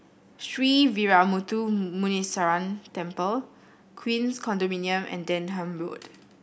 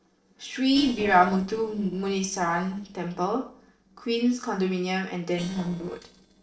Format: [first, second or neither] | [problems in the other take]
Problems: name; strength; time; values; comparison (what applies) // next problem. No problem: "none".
first | noise reduction (neural separator model SepFormer DNS4)